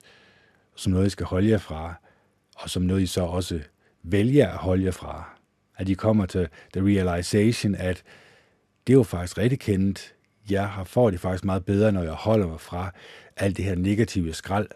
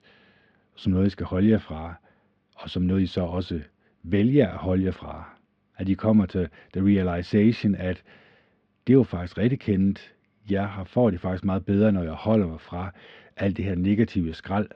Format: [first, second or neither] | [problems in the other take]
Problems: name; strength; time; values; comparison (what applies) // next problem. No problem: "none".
first | muffled; slightly; fading above 4 kHz